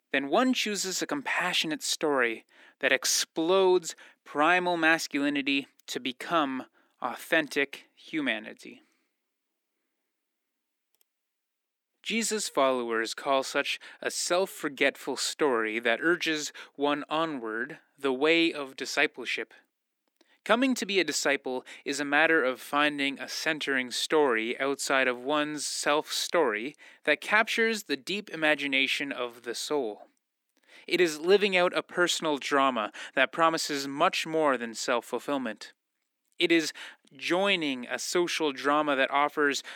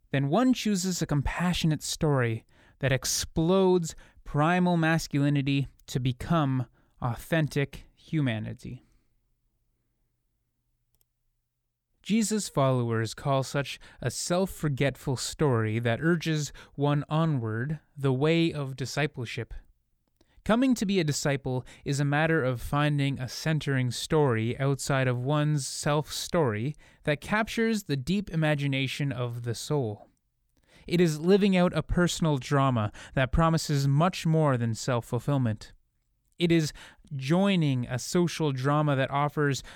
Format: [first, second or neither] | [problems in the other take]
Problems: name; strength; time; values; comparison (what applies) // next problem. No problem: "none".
second | thin; somewhat; fading below 250 Hz